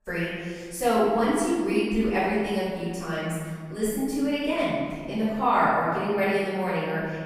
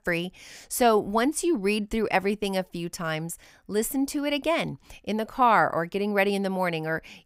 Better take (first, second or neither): second